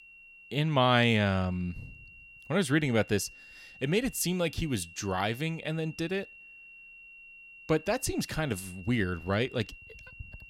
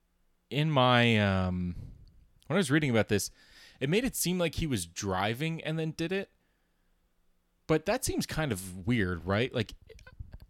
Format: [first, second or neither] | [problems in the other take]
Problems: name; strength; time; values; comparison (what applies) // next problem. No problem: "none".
second | high-pitched whine; noticeable; throughout; 2.5 kHz, 20 dB below the speech